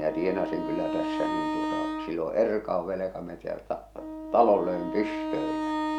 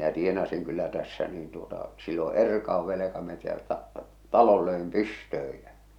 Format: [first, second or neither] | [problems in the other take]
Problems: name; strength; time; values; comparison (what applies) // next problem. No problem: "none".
second | background sound (Wind instrument, woodwind instrument); 4 dB below the speech